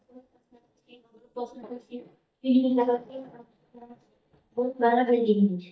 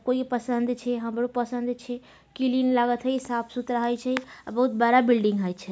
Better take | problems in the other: second | noise reduction (neural mask model DeepFilterNet 3)

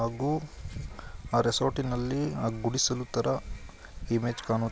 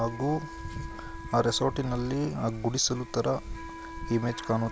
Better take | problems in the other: first | background sound (Wind instrument, woodwind instrument); 15 dB below the speech

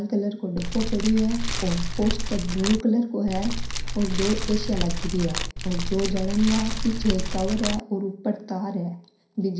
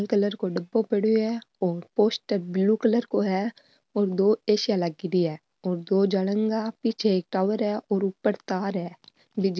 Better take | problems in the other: second | background sound (Fire); 1 dB below the speech // room echo; dies away in 0.5 s

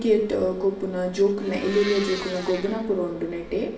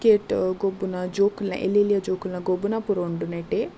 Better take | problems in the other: second | background sound (Domestic sounds, home sounds); 12 dB below the speech // room echo; dies away in 0.9 s

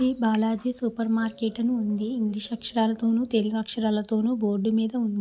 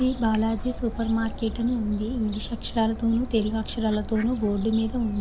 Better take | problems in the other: first | background sound (Fowl); 9 dB below the speech

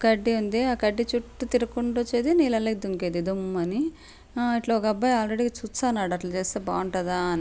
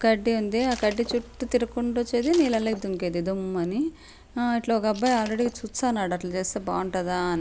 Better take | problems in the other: first | background sound (Shatter); 18 dB below the speech

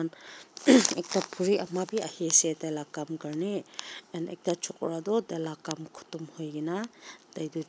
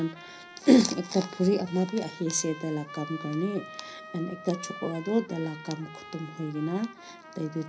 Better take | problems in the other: first | background sound (Trumpet); 16 dB below the speech // room echo; dies away in 0.5 s

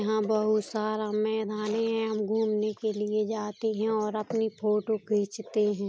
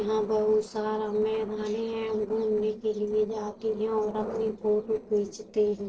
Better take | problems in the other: first | noise reduction (neural separator model SepFormer DNS4)

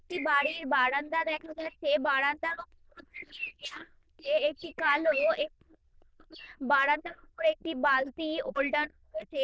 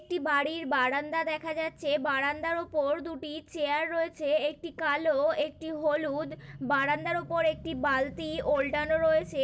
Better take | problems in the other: second | noise reduction (neural diffusion model UNIVERSE++)

